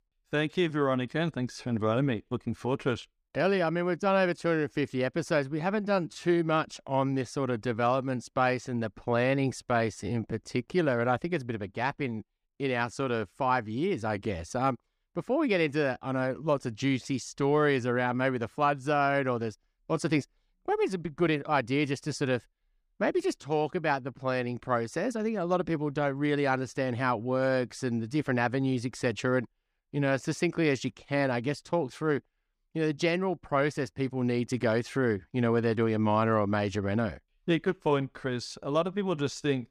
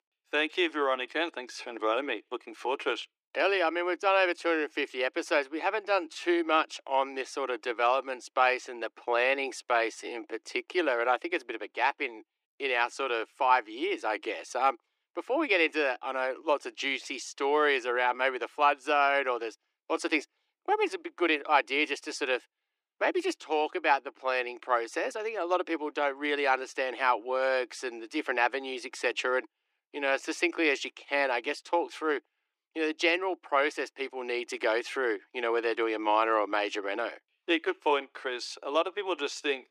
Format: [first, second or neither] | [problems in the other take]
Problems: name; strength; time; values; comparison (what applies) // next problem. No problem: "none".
first | thin; very; fading below 300 Hz